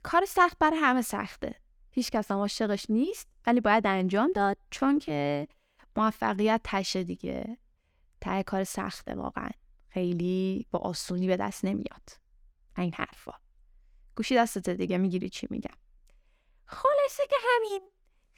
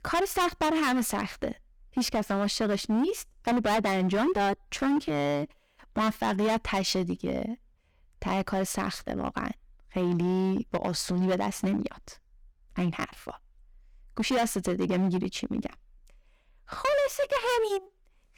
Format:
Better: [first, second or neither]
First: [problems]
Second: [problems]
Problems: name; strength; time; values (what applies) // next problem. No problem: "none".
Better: first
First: none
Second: distortion; heavy; 12% of the sound clipped